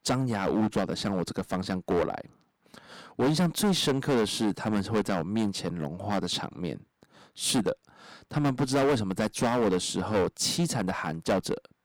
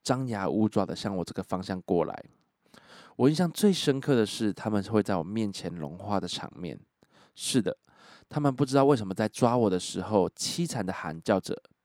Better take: second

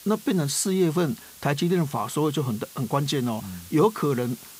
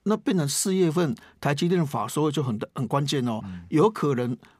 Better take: second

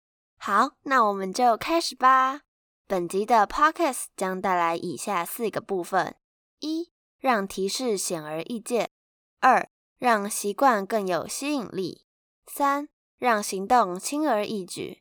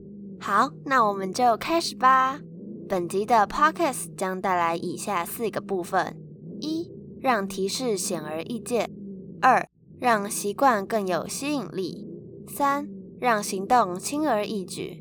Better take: first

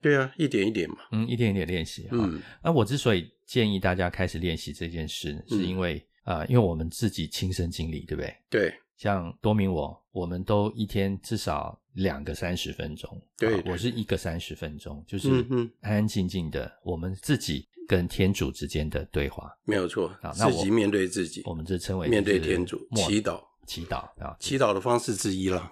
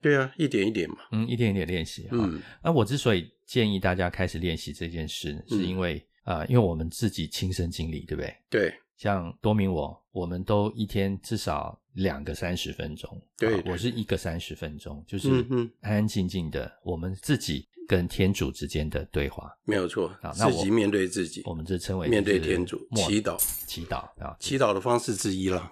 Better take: first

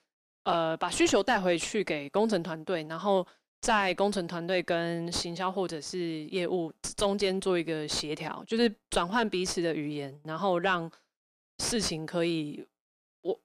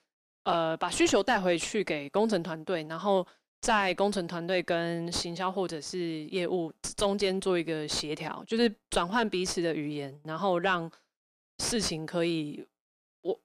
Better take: neither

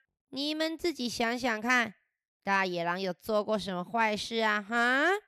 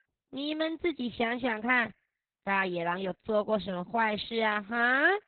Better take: first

